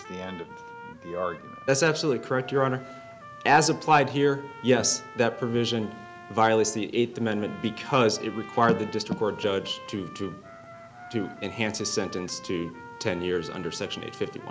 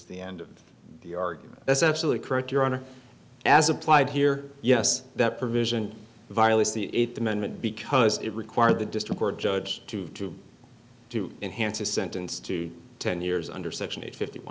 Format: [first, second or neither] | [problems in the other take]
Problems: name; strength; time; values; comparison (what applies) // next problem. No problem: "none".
second | background sound (Trumpet); 17 dB below the speech